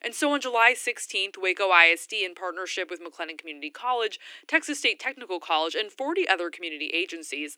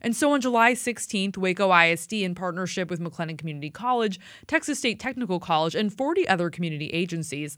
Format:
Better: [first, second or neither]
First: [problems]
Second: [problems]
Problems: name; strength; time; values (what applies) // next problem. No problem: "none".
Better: second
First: thin; somewhat; fading below 300 Hz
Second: none